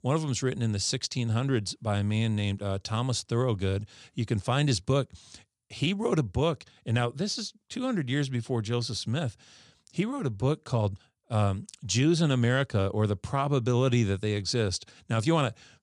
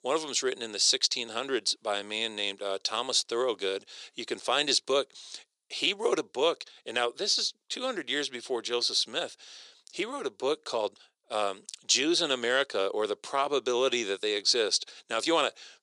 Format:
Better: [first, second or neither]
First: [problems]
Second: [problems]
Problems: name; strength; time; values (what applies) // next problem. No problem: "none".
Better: first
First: none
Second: thin; very; fading below 400 Hz